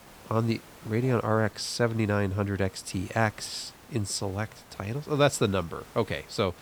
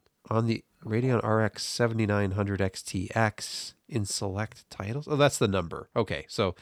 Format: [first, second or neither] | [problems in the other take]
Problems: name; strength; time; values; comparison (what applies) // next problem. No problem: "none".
second | hiss; faint; throughout; 20 dB below the speech